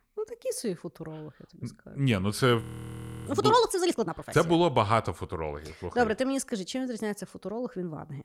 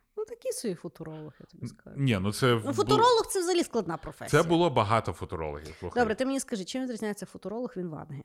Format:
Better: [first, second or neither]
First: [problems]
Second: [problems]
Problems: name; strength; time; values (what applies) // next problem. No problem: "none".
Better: second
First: audio freezing; at 2.5 s for 0.5 s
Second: none